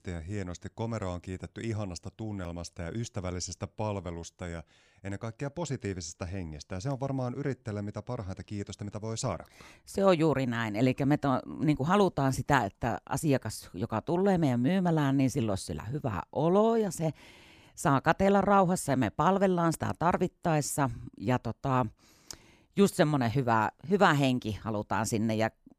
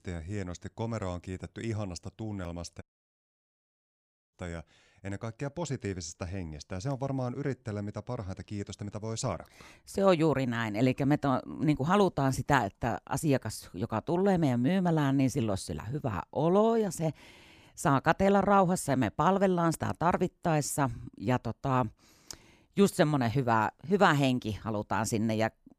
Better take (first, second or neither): first